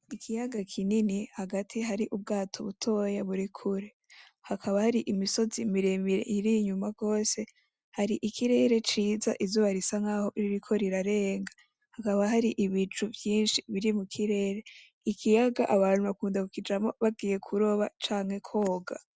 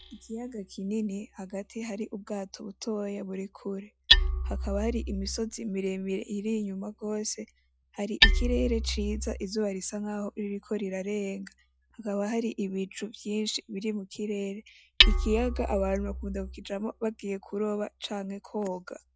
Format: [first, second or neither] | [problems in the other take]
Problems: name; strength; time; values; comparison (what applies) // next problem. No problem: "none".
first | noise reduction (classical method log-MMSE)